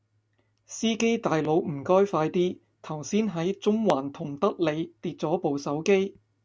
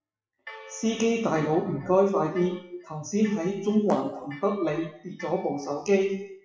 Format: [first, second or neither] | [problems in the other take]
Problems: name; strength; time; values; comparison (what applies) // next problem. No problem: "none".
first | noise reduction (classical method WPE with log-MMSE)